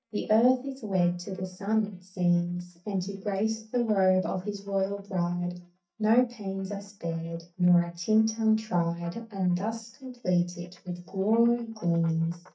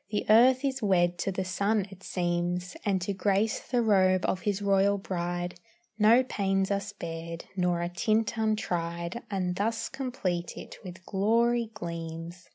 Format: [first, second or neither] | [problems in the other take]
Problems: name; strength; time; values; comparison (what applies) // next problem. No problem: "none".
second | noise reduction (neural mask model DeepFilterNet 3)